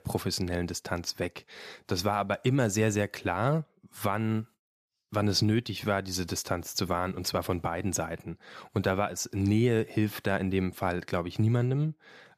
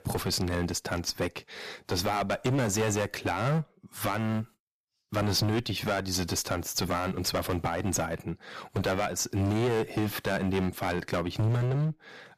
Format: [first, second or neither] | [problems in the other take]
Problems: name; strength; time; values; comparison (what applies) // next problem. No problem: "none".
first | distortion; heavy; 13% of the sound clipped